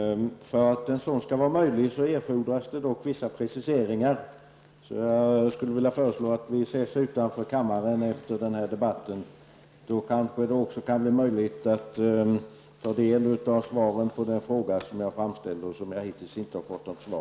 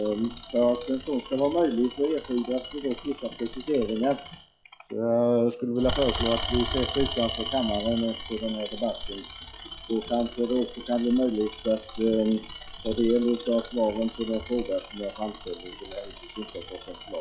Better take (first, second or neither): first